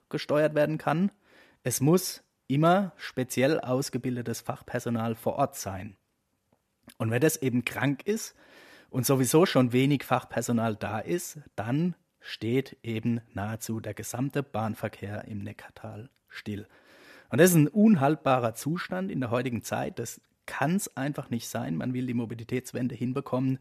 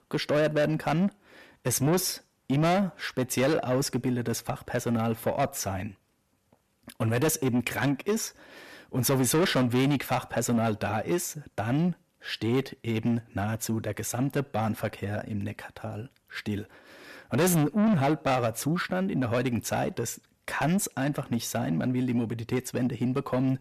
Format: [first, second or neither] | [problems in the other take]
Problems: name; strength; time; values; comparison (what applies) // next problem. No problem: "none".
first | distortion; heavy; 7 dB below the speech